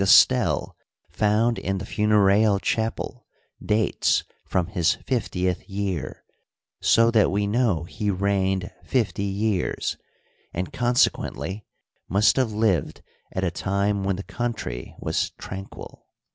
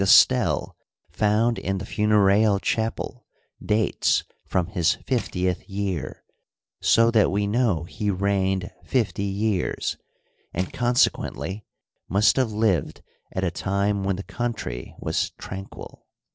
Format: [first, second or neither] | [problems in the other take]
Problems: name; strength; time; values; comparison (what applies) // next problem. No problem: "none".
first | noise reduction (neural separator model SepFormer DNS4)